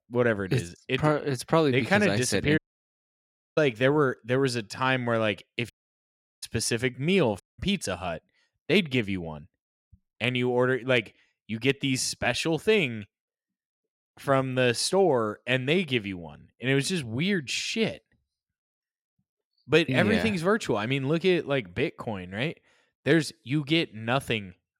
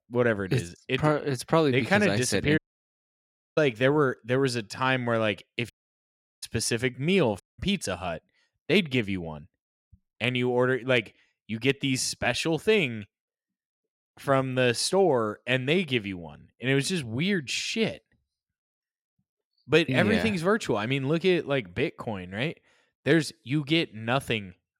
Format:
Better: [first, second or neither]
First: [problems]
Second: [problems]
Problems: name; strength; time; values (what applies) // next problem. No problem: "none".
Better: neither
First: audio cutting out; at 2.5 s for 1 s, at 5.5 s for 0.5 s and at 7.5 s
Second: audio cutting out; at 2.5 s for 1 s, at 5.5 s for 0.5 s and at 7.5 s